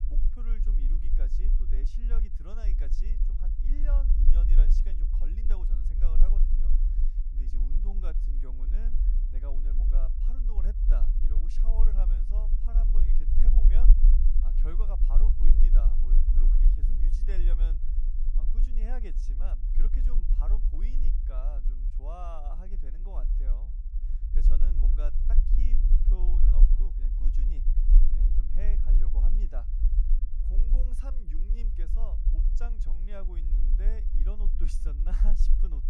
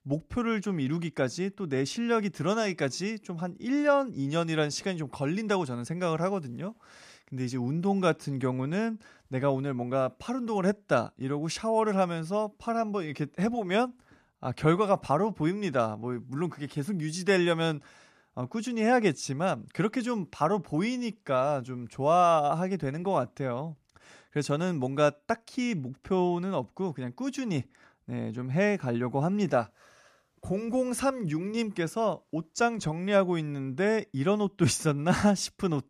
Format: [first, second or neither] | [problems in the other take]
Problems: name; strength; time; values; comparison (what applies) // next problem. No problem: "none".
second | low rumble; loud; throughout; 3 dB below the speech